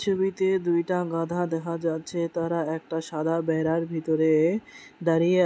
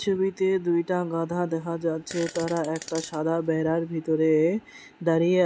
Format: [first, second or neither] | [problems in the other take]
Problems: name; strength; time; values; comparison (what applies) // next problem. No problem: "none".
first | background sound (Fart); 18 dB below the speech